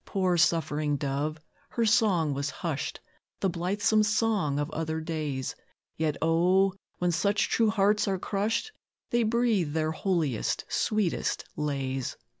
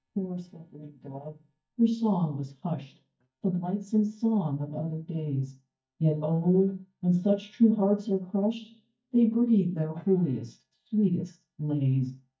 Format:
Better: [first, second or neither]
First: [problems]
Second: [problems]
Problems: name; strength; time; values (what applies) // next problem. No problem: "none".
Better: first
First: none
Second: noise reduction (neural mask model DeepFilterNet 3)